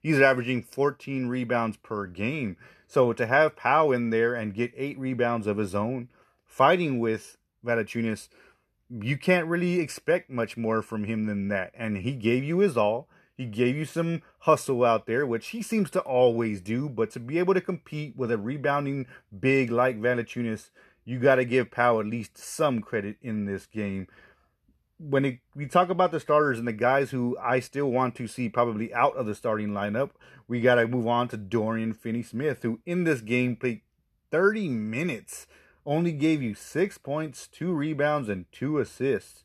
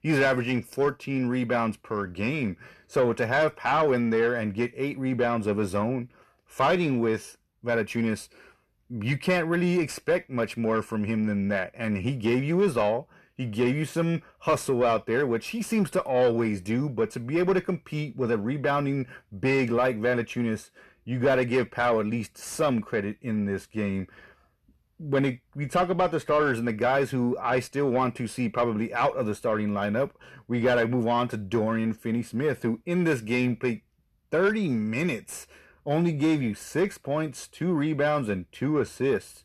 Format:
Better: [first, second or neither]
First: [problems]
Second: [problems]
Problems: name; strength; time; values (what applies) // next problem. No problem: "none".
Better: first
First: none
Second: distortion; slight; 10 dB below the speech